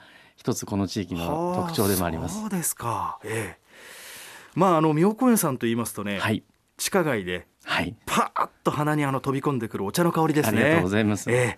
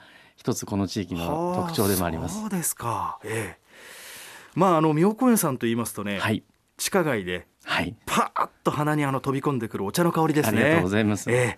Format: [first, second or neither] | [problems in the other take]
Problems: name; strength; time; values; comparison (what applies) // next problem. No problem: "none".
neither | none